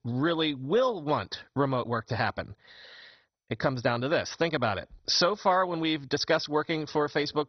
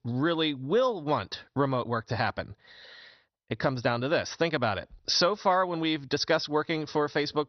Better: second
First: garbled, watery; badly; nothing above 6 kHz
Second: garbled, watery; slightly; nothing above 6 kHz

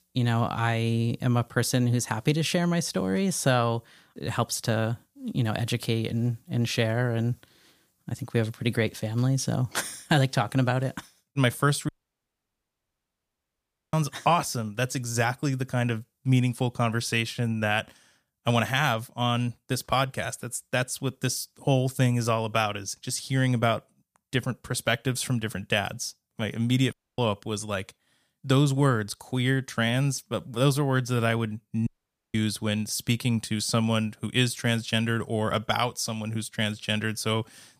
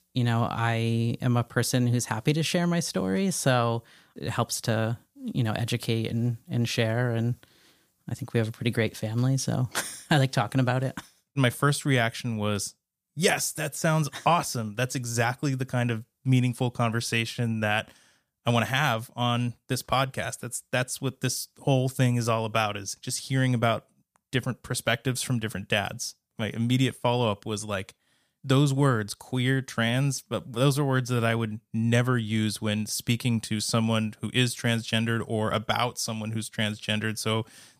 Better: second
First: audio cutting out; at 12 s for 2 s, at 27 s and at 32 s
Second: none

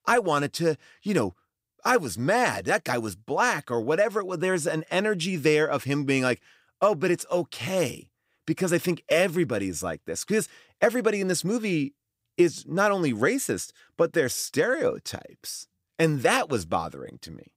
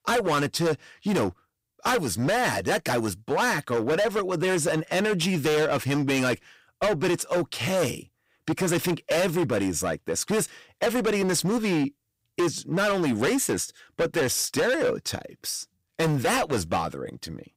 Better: first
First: none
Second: distortion; heavy; 18% of the sound clipped

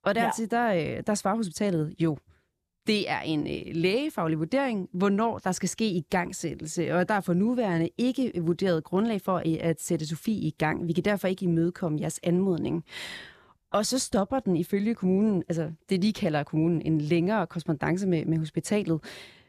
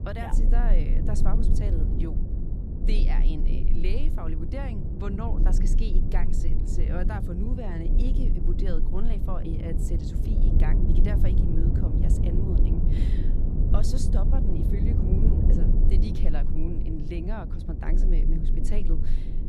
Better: first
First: none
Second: low rumble; loud; throughout; 1 dB below the speech

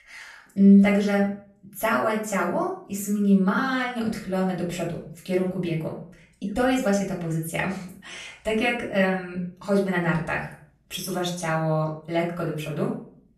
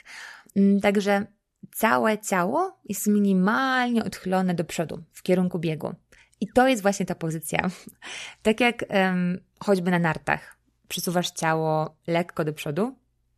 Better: second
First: room echo; slight; dies away in 0.4 s // off-mic speech; far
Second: none

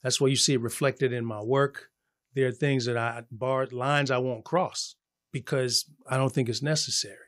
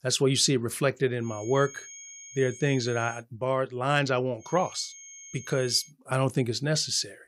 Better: first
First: none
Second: high-pitched whine; noticeable; from 1.5 to 3 s and from 4.5 to 6 s; 6.5 kHz, 15 dB below the speech

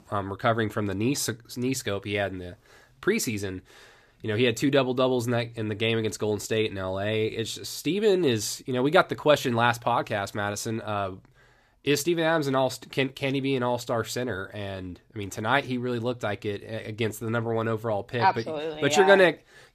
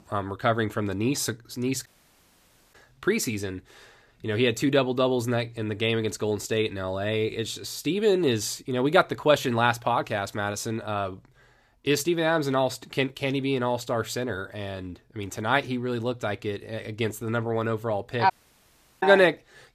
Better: first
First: none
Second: audio cutting out; at 2 s for 1 s and at 18 s for 0.5 s

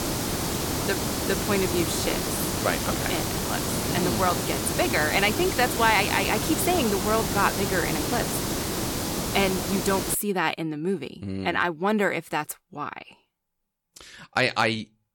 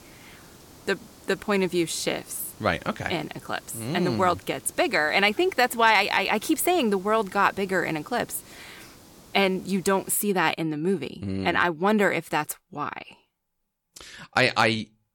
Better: second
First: hiss; loud; until 10 s; 1 dB below the speech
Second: hiss; faint; until 10 s; 25 dB below the speech

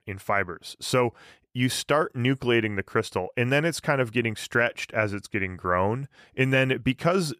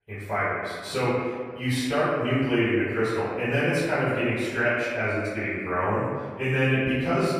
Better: first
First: none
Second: off-mic speech; far // room echo; strong; dies away in 1.5 s

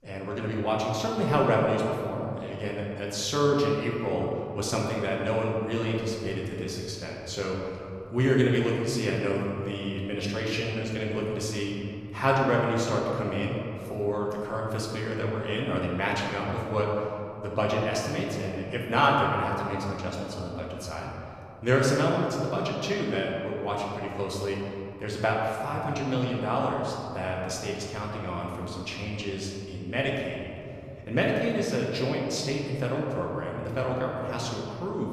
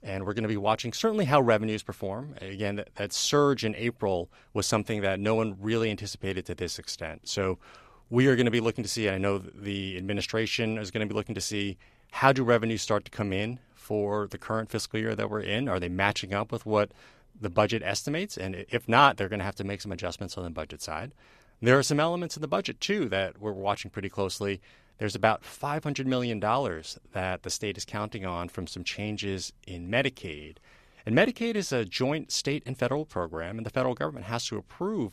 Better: second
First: room echo; noticeable; dies away in 2.8 s // off-mic speech; somewhat distant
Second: none

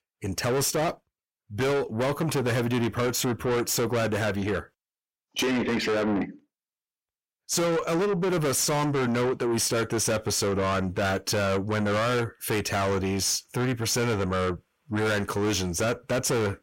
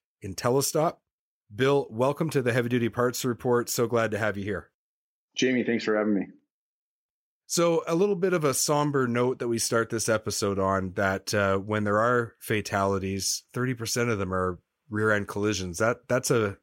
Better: second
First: distortion; heavy; 6 dB below the speech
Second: none

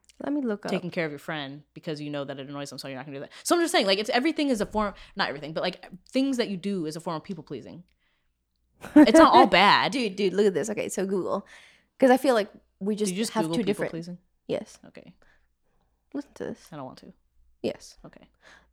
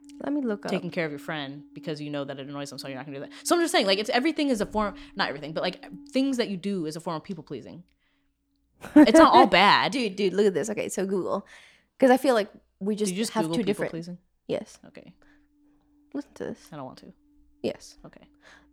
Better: first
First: none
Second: alarms or sirens; faint; throughout; 25 dB below the speech

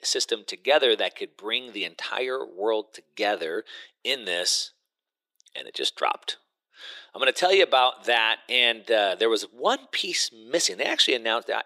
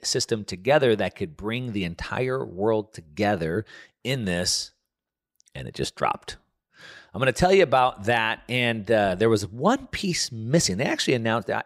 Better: second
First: thin; very; fading below 350 Hz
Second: none

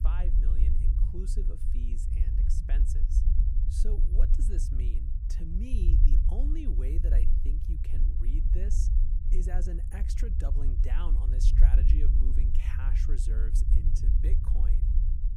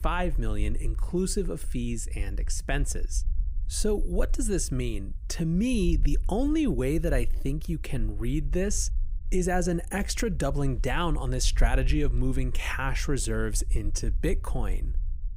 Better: second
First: low rumble; loud; throughout; 1 dB below the speech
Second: low rumble; faint; throughout; 25 dB below the speech

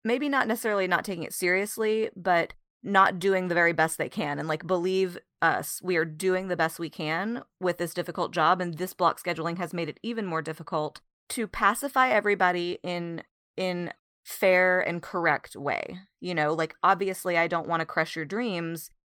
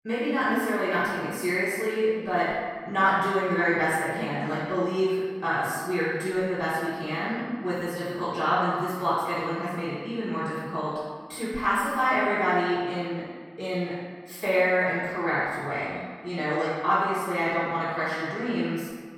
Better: first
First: none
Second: room echo; strong; dies away in 1.5 s // off-mic speech; far

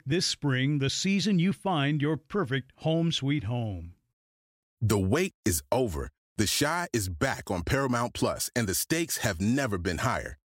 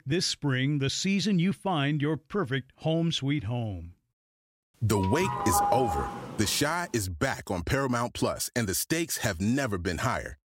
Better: first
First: none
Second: doorbell; loud; from 5 to 6.5 s; peak 2 dB above the speech

